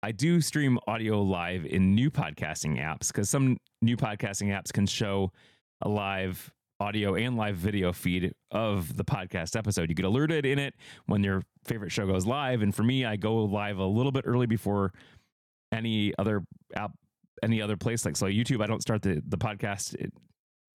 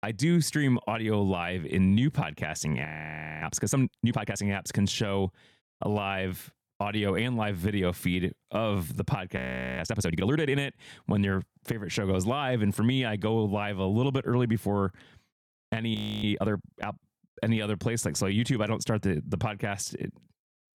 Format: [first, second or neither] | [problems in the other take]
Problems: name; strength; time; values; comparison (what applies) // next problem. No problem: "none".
first | audio freezing; at 3 s for 0.5 s, at 9.5 s and at 16 s